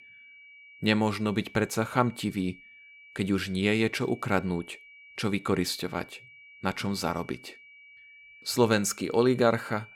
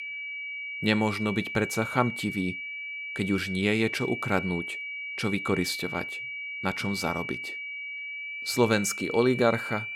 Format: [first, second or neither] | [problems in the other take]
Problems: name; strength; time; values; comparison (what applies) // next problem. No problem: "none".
first | high-pitched whine; loud; throughout; 2.5 kHz, 6 dB below the speech; faint in the first